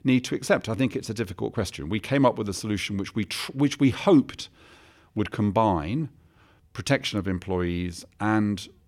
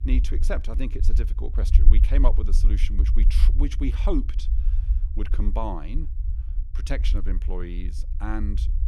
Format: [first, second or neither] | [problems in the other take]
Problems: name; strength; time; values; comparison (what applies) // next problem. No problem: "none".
first | low rumble; noticeable; throughout; 10 dB below the speech